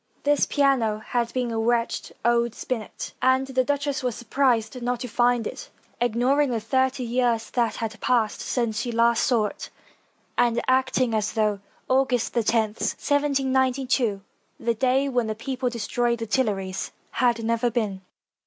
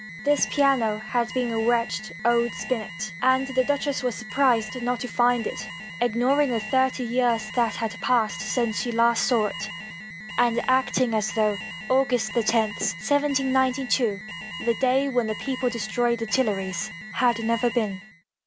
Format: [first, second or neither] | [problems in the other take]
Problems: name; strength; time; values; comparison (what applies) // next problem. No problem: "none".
first | background sound (Alarm); 12 dB below the speech